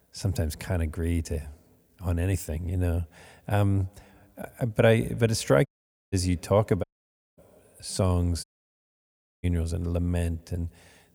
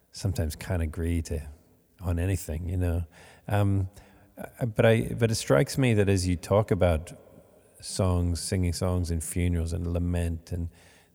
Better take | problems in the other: second | audio cutting out; at 5.5 s, at 7 s for 0.5 s and at 8.5 s for 1 s

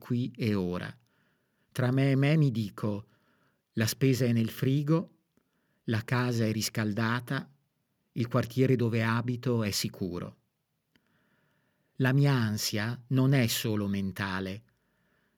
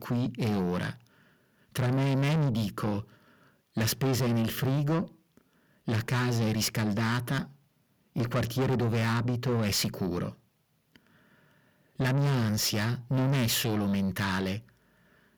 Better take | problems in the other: first | distortion; heavy; 7 dB below the speech

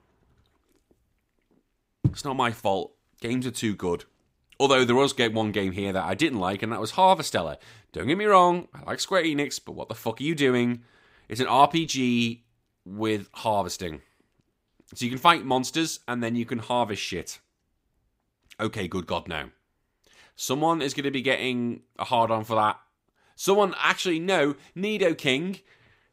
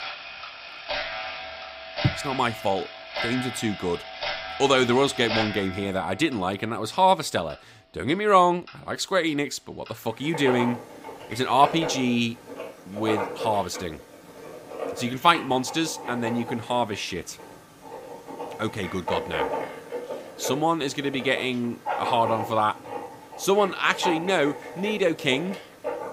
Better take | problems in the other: first | household noises; loud; throughout; 9 dB below the speech

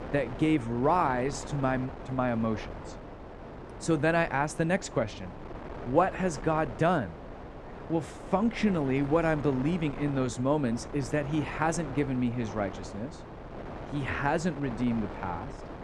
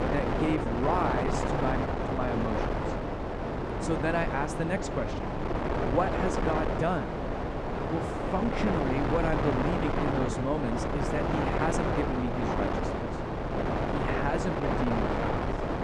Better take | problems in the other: first | wind noise on the microphone; heavy; 2 dB above the speech; occasional gusts in the first

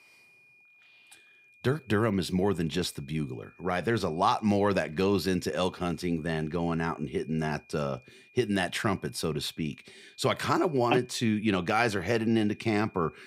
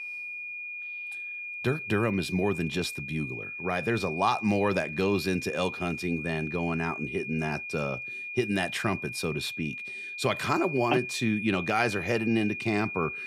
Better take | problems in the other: first | high-pitched whine; loud; throughout; 2.5 kHz, 6 dB below the speech; faint in the first

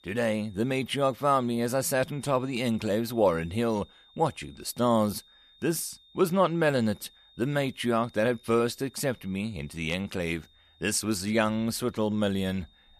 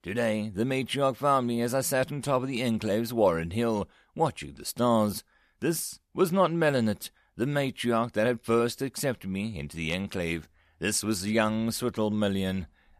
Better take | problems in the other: second | high-pitched whine; faint; throughout; 3.5 kHz, 30 dB below the speech

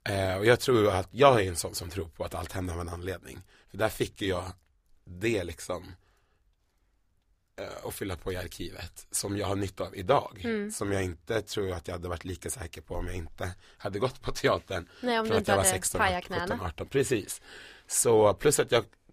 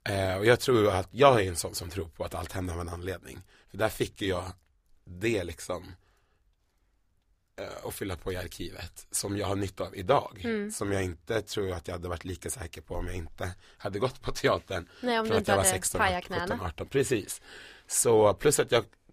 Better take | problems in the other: neither | none

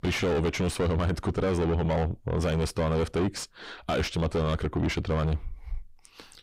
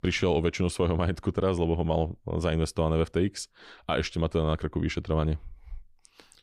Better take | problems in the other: second | distortion; heavy; 5 dB below the speech

